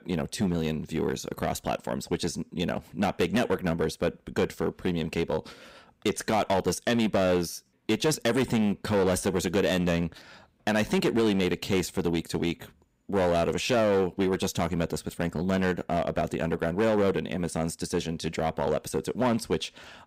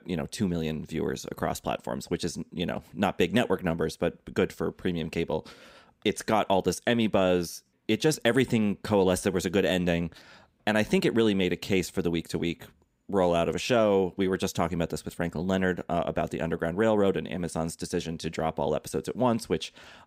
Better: second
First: distortion; slight; 7% of the sound clipped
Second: none

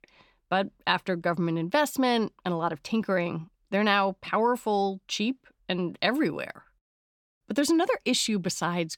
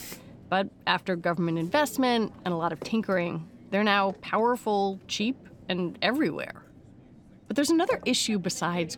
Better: first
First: none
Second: hiss; faint; throughout; 20 dB below the speech

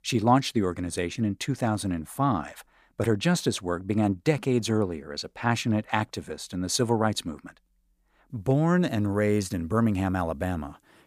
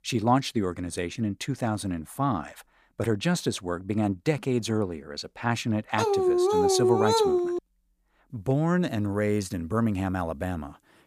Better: first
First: none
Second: dog barking; loud; from 6 to 7.5 s; peak 6 dB above the speech

